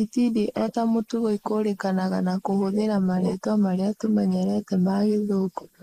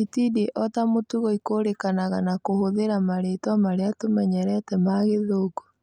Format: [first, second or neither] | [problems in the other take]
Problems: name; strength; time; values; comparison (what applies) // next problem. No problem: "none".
second | noise reduction (neural mask model Resemble Enhance denoiser)